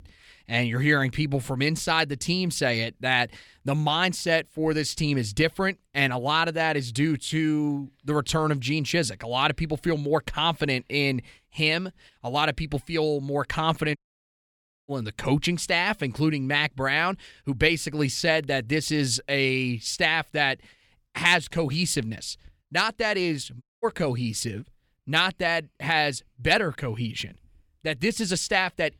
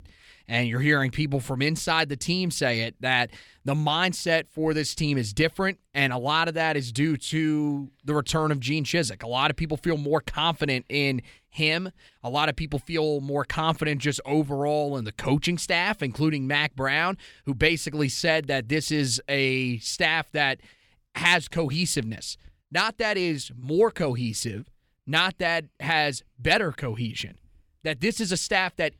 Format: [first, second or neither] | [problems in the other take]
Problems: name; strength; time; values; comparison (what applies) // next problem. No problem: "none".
second | audio cutting out; at 14 s for 1 s and at 24 s